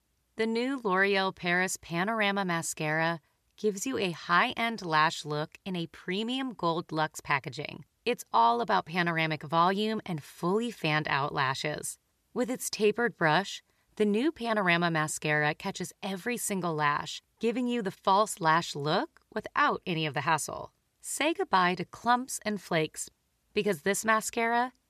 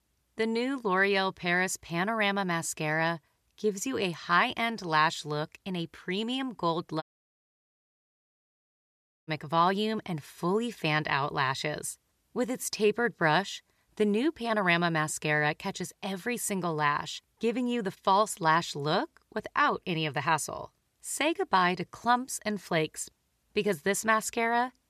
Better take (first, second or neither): first